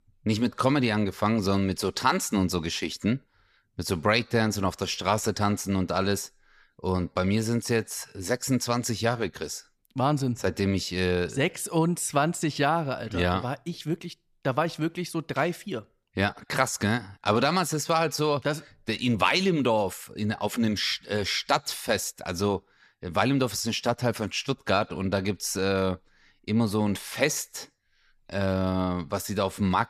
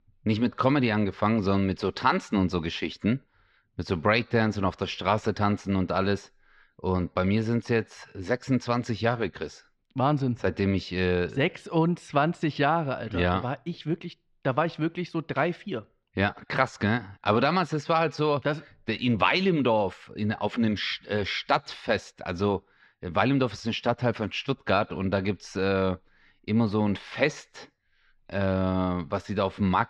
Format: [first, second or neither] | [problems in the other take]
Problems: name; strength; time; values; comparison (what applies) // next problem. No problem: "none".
first | muffled; slightly; fading above 3.5 kHz